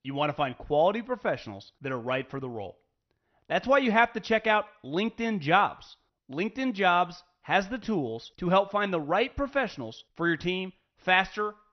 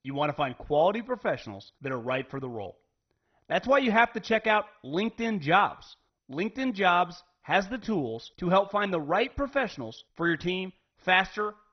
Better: first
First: garbled, watery; slightly; nothing above 6 kHz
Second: garbled, watery; badly; nothing above 6 kHz

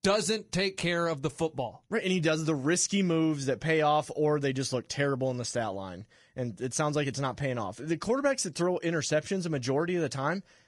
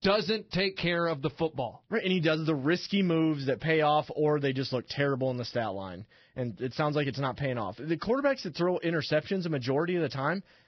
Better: first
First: garbled, watery; slightly; nothing above 10 kHz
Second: garbled, watery; badly; nothing above 5.5 kHz

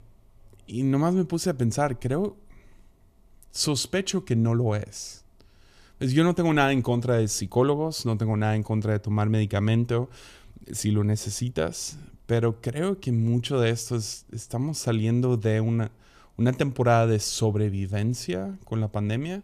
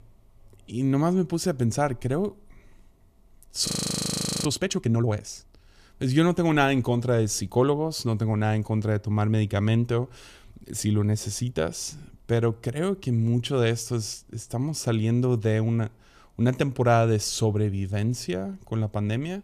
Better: first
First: none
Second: audio freezing; at 3.5 s for 1 s

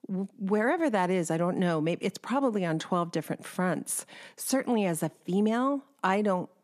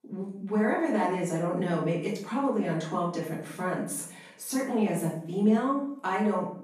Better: first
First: none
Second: room echo; noticeable; dies away in 0.5 s // off-mic speech; far

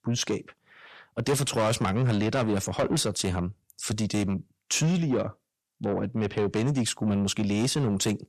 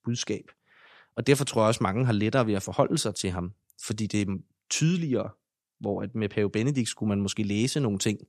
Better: second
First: distortion; heavy; 8 dB below the speech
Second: none

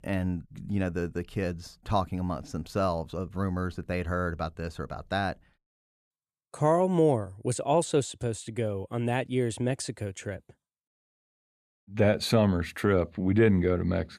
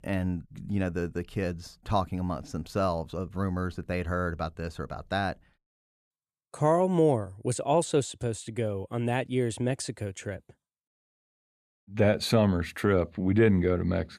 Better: neither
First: none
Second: none

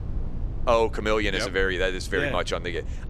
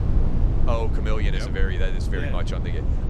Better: first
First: low rumble; faint; throughout; 25 dB below the speech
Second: low rumble; loud; throughout; 6 dB below the speech

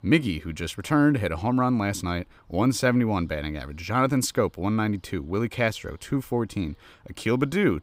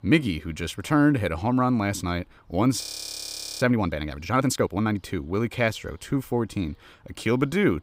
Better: first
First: none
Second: audio freezing; at 3 s for 1 s

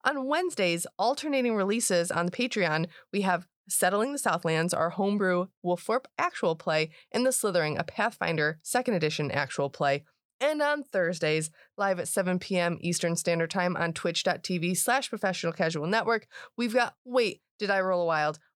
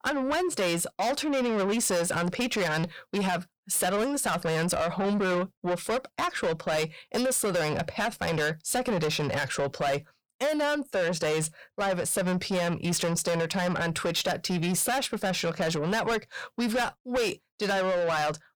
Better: first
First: none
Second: distortion; heavy; 7 dB below the speech

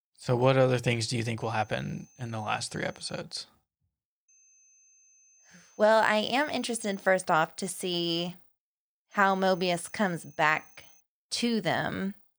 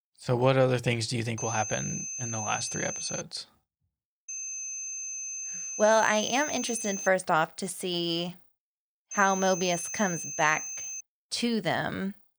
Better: first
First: high-pitched whine; faint; from 1.5 to 3 s, from 4.5 to 7 s and from 9 to 11 s; 6 kHz, 30 dB below the speech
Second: high-pitched whine; loud; from 1.5 to 3 s, from 4.5 to 7 s and from 9 to 11 s; 6 kHz, 6 dB below the speech

